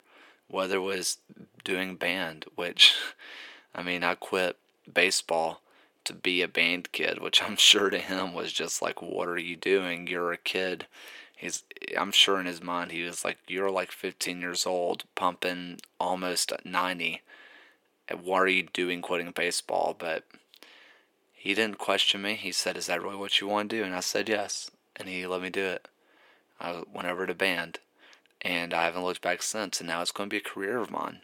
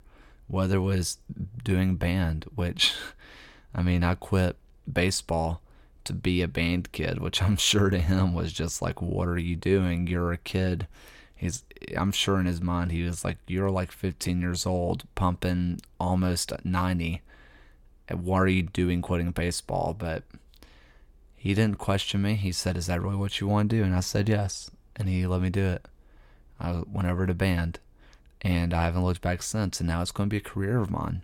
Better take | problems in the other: second | thin; very; fading below 350 Hz

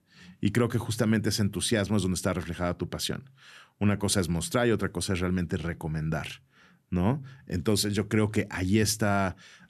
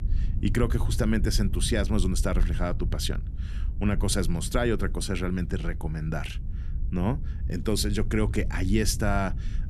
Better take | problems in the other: first | low rumble; noticeable; throughout; 15 dB below the speech

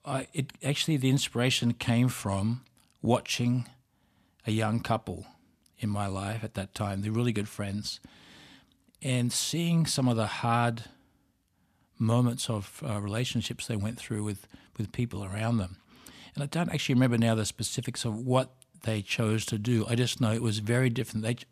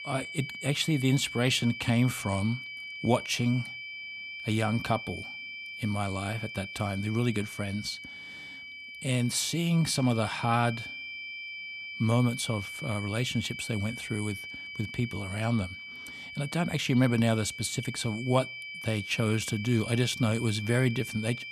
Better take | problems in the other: first | high-pitched whine; loud; throughout; 2.5 kHz, 9 dB below the speech

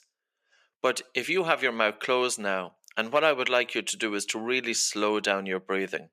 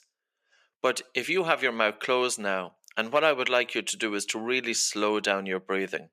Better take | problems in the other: neither | thin; somewhat; fading below 350 Hz; the same in both

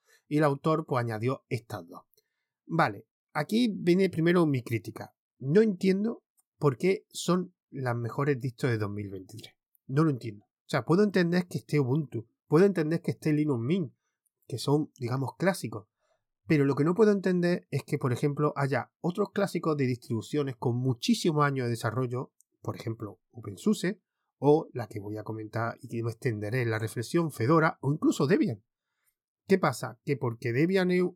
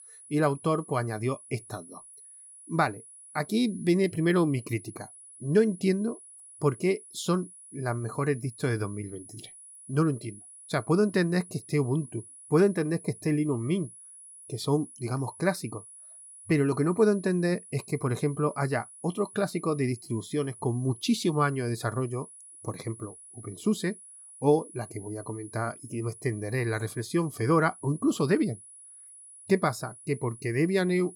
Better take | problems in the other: first | high-pitched whine; noticeable; throughout; 10 kHz, 20 dB below the speech

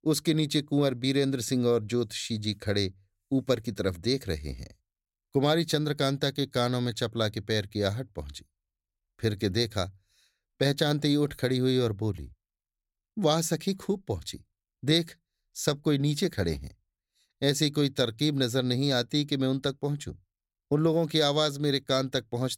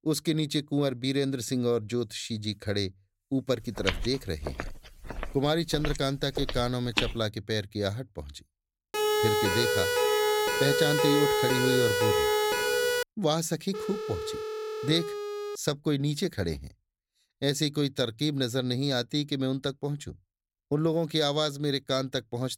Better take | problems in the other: first | footsteps; noticeable; from 4 to 7 s; peak level with the speech // siren; loud; from 9 to 13 s; peak 5 dB above the speech // phone ringing; noticeable; from 14 to 16 s; peak 5 dB below the speech

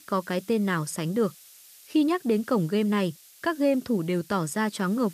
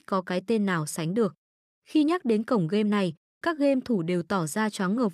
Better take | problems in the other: second | hiss; faint; throughout; 25 dB below the speech

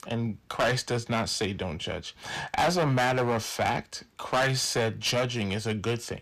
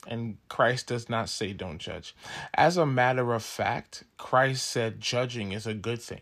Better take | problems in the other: second | distortion; heavy; 10% of the sound clipped

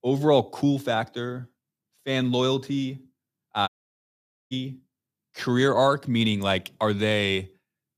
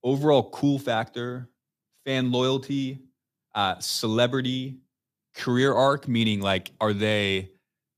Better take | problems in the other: second | audio cutting out; at 3.5 s for 1 s

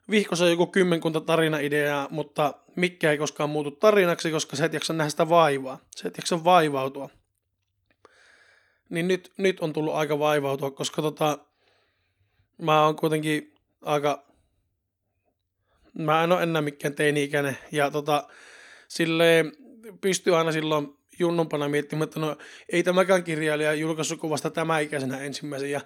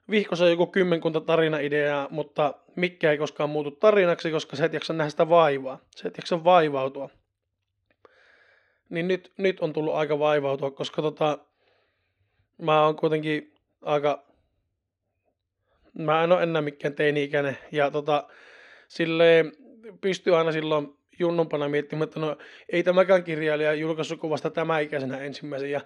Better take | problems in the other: first | muffled; slightly; fading above 3.5 kHz

